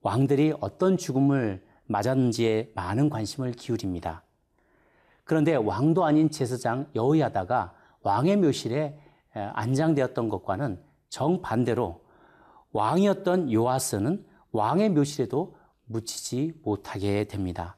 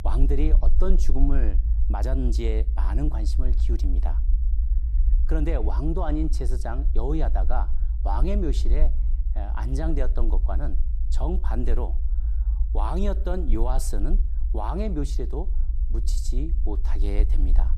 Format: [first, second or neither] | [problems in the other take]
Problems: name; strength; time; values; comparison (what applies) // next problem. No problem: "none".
first | low rumble; noticeable; throughout; 15 dB below the speech